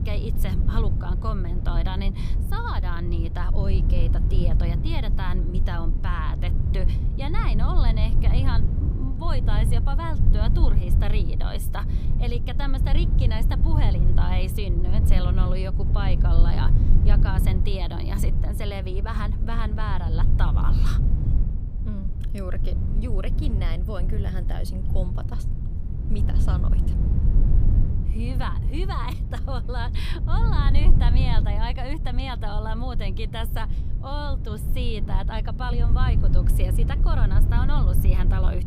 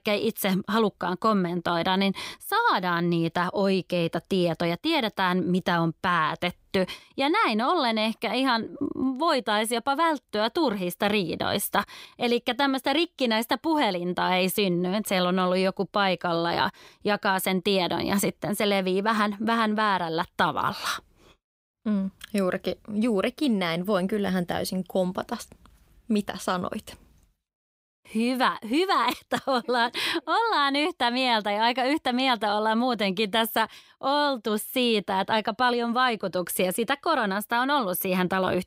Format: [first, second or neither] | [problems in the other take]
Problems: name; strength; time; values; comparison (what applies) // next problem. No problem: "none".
second | low rumble; loud; throughout; 5 dB below the speech